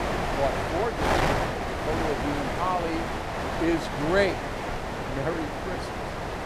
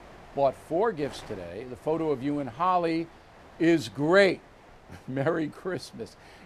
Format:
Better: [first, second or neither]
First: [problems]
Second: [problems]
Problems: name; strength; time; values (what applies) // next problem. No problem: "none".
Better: second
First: wind noise on the microphone; heavy; 1 dB above the speech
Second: wind noise on the microphone; occasional gusts; 25 dB below the speech